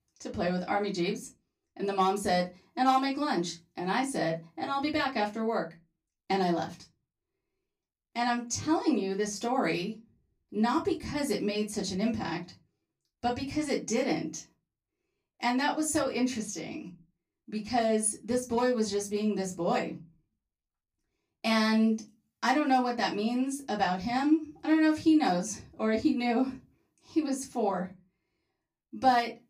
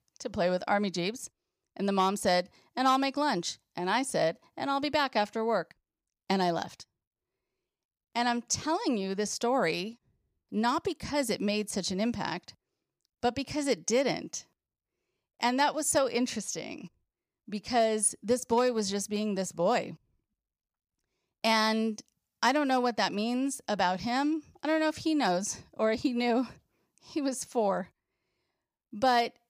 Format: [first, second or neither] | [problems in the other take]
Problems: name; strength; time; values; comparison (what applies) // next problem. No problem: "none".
second | off-mic speech; far // room echo; very slight; dies away in 0.2 s